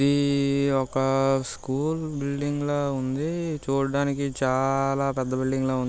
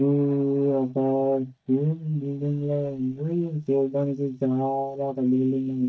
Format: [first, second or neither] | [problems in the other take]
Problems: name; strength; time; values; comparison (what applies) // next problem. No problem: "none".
first | noise reduction (neural mask model DeepFilterNet 3)